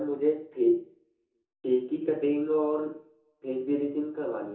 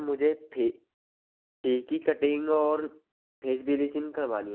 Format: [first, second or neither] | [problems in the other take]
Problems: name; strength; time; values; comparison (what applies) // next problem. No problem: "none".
second | room echo; dies away in 0.7 s